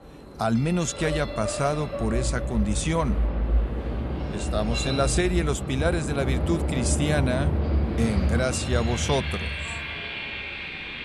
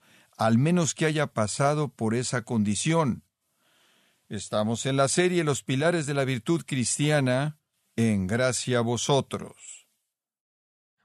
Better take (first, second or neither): second